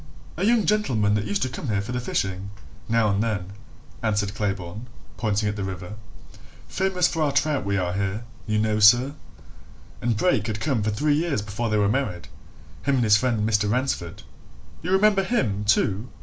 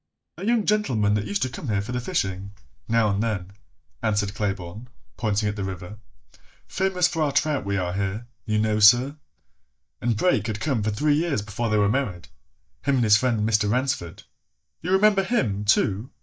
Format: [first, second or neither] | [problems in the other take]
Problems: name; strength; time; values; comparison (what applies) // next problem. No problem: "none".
first | noise reduction (neural mask model DeepFilterNet 3)